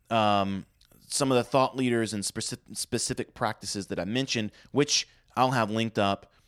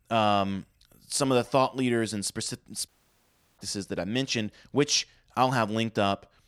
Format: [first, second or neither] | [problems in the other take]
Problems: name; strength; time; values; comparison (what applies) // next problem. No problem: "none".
first | audio cutting out; at 3 s for 0.5 s